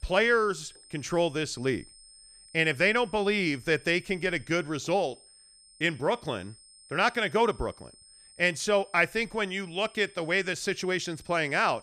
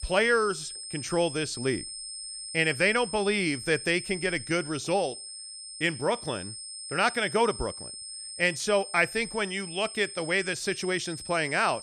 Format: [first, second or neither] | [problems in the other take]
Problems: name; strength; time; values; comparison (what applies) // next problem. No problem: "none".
first | high-pitched whine; loud; throughout; 8.5 kHz, 10 dB below the speech; faint in the first